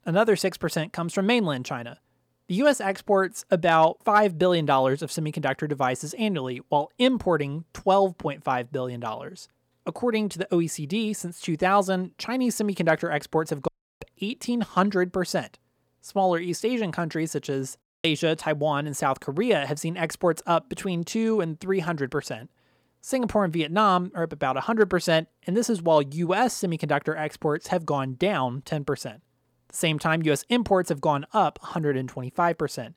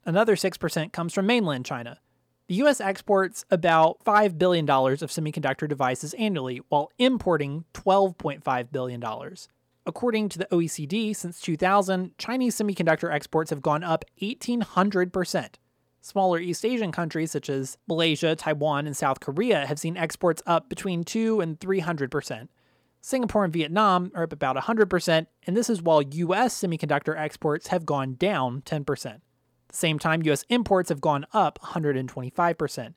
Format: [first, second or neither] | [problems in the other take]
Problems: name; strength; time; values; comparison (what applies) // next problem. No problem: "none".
second | audio cutting out; at 14 s and at 18 s